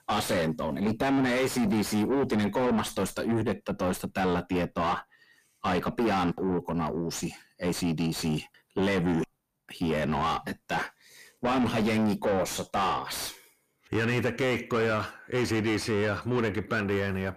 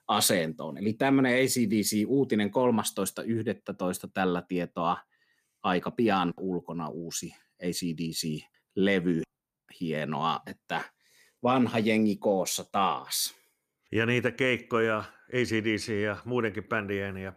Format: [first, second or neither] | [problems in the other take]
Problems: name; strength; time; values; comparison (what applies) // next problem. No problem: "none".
second | distortion; heavy; 5 dB below the speech